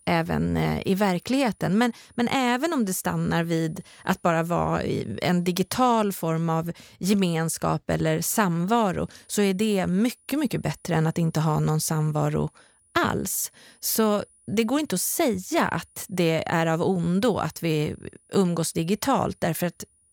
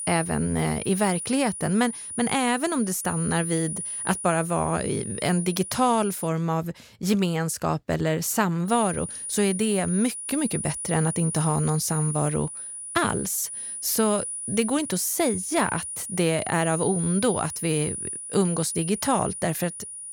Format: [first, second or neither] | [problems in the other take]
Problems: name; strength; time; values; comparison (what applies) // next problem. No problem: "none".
first | high-pitched whine; loud; until 6.5 s and from 8.5 s on; 9.5 kHz, 6 dB below the speech; faint in the first